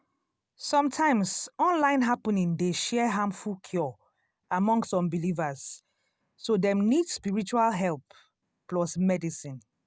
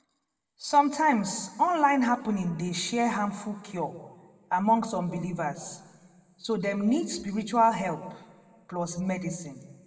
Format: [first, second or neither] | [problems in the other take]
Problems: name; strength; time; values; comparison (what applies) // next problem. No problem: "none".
first | room echo; dies away in 1.1 s